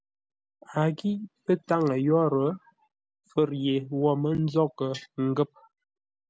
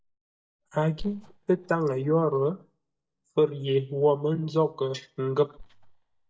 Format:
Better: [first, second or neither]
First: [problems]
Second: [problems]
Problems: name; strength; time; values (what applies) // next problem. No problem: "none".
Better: first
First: none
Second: noise reduction (neural mask model DeepFilterNet 3)